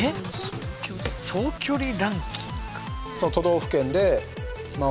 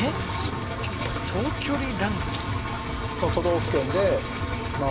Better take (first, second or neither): first